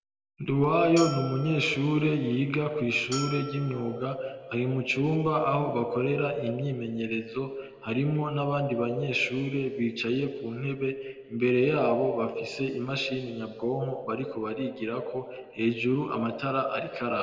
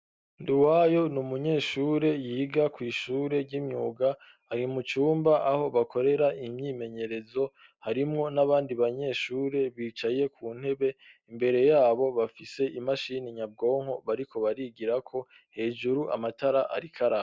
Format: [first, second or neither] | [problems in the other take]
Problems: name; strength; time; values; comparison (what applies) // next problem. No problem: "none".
second | background sound (Bell); 13 dB below the speech // room echo; dies away in 1.6 s